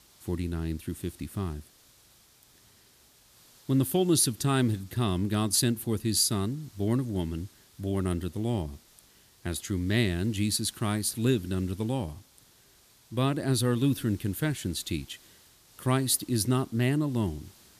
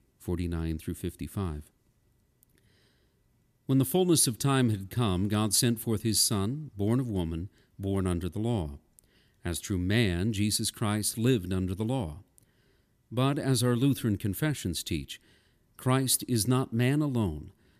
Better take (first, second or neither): second